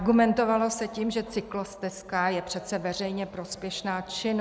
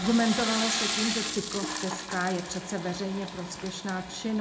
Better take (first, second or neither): first